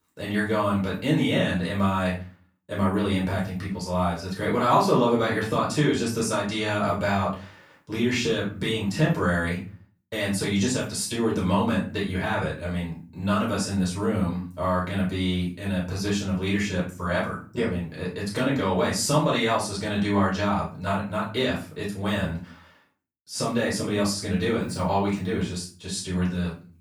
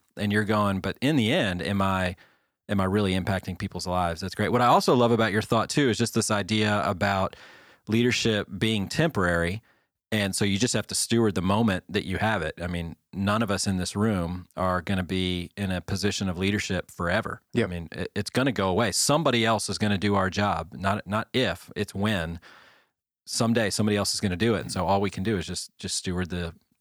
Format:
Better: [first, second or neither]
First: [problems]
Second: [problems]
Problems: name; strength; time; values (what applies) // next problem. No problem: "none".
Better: second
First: off-mic speech; far // room echo; slight; dies away in 0.3 s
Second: none